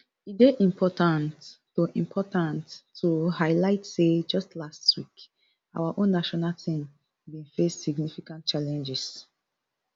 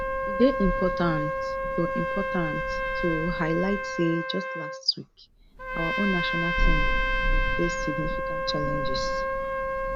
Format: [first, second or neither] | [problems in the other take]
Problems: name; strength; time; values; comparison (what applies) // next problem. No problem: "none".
first | background sound (Trumpet + Thunder); 3 dB above the speech